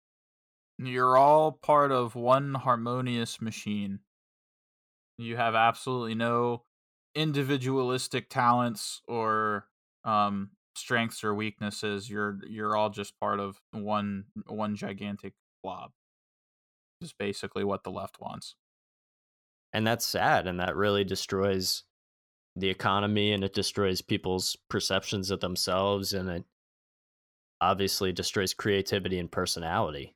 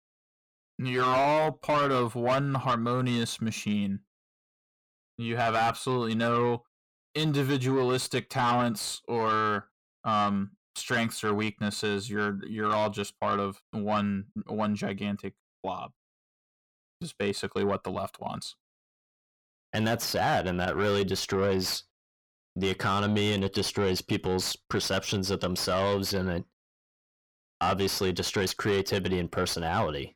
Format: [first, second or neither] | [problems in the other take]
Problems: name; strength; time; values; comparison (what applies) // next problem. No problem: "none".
first | distortion; heavy; 7 dB below the speech